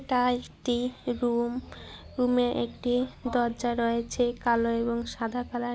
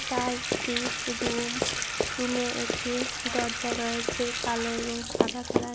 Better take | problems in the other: first | background sound (Bathtub (filling or washing) / Water tap, faucet + Run); 2 dB above the speech

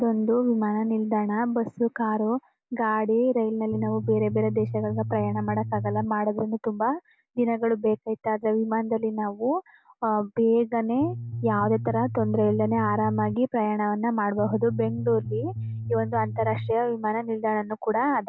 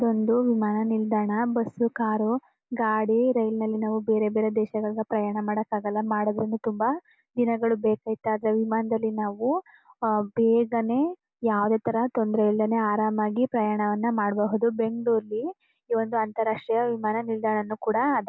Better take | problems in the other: second | background sound (Bass guitar); 7 dB below the speech

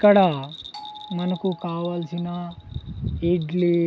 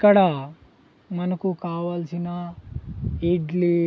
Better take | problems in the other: second | background sound (Bell + Doorbell); 20 dB below the speech

